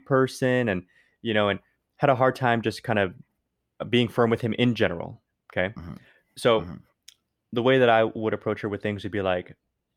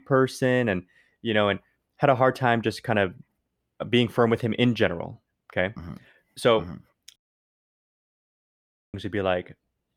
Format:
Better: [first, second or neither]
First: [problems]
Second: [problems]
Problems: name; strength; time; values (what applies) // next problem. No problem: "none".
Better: first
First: none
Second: audio cutting out; at 7 s for 2 s